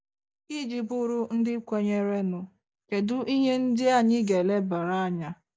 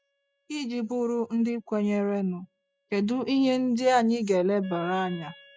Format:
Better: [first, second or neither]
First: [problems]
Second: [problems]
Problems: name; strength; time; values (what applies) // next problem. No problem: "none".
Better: first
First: none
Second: noise reduction (classical method spectral subtraction)